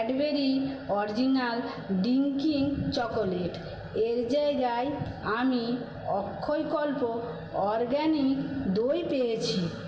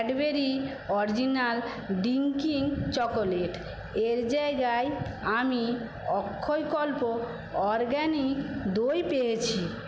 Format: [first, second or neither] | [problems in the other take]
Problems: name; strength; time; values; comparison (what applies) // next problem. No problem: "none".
second | room echo; dies away in 2.8 s